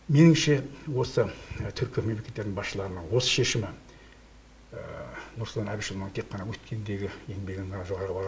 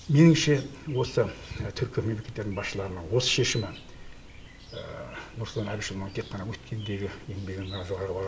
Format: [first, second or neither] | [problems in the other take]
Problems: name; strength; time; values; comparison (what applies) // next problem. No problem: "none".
first | background sound (Chirp, tweet); 19 dB below the speech